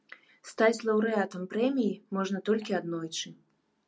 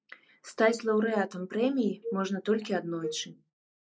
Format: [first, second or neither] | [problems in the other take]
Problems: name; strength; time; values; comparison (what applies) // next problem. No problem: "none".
first | noise reduction (neural mask model Resemble Enhance denoiser)